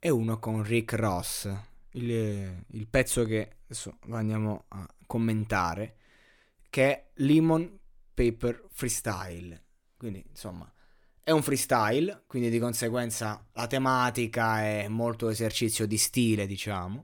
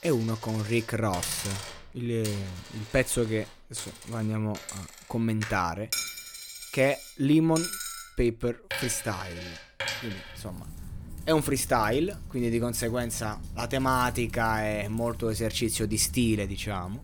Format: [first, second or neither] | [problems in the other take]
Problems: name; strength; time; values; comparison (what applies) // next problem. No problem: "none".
first | household noises; noticeable; throughout; 10 dB below the speech